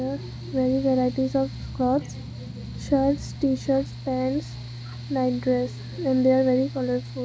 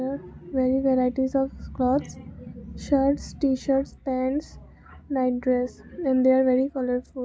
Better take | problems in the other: second | background sound (Mechanical fan); 11 dB below the speech

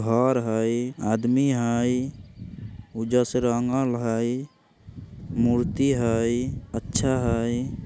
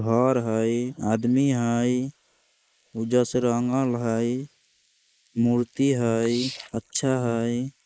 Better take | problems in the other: first | noise reduction (neural mask model Resemble Enhance denoiser)

